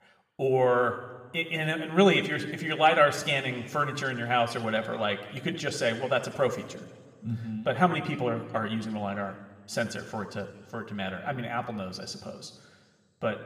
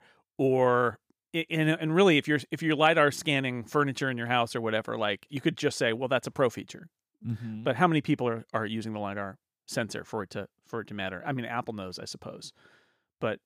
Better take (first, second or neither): second